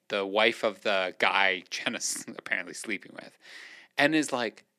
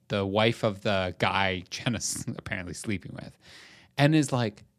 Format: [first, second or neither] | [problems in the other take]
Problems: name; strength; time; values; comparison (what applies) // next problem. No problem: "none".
second | thin; somewhat; fading below 300 Hz